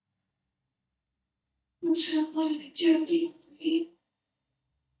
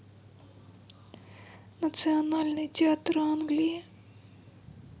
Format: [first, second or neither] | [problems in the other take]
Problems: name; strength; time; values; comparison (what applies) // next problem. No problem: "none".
second | noise reduction (neural mask model DeepFilterNet 3)